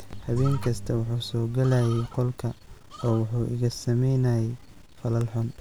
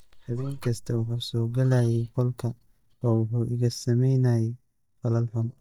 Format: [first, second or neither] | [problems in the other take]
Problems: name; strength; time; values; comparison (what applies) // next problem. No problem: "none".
first | noise reduction (neural mask model DeepFilterNet 3)